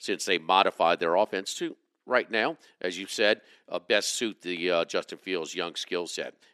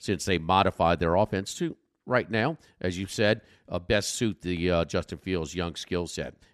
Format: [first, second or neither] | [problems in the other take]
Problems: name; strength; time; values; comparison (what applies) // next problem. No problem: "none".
second | thin; somewhat; fading below 300 Hz